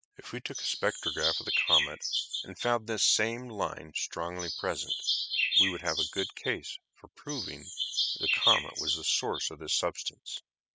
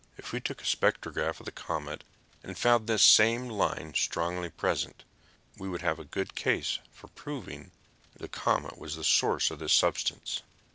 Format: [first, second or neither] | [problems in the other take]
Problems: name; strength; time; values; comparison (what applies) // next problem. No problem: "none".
second | noise reduction (classical method spectral subtraction)